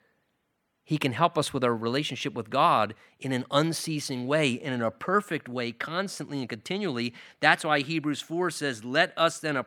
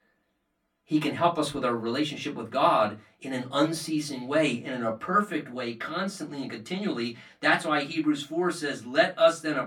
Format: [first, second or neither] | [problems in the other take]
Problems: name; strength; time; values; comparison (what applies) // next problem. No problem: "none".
first | off-mic speech; far // room echo; very slight; dies away in 0.2 s